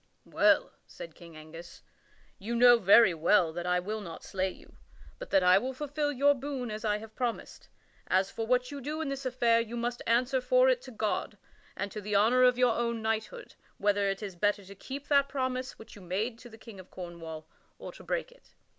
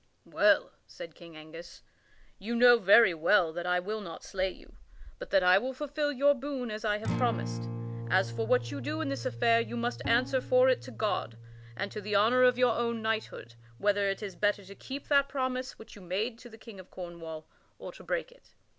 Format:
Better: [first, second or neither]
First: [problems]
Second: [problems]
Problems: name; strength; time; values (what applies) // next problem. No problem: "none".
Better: first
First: none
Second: background sound (Bowed string instrument + Acoustic guitar); 13 dB below the speech